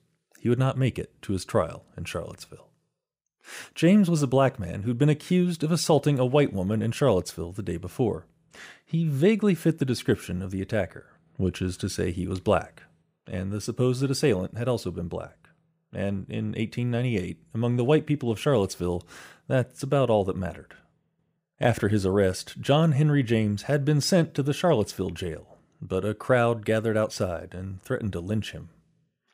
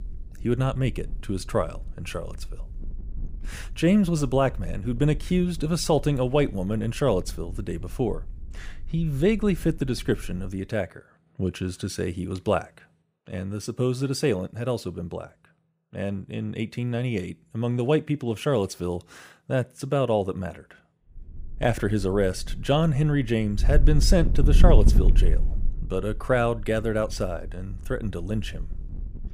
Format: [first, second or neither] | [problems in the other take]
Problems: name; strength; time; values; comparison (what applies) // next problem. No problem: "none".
first | wind noise on the microphone; occasional gusts; until 11 s and from 21 s on; 15 dB below the speech